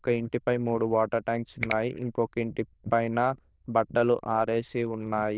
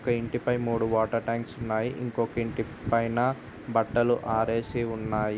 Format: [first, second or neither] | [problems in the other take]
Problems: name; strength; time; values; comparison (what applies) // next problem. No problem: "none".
second | noise reduction (neural diffusion model UNIVERSE++)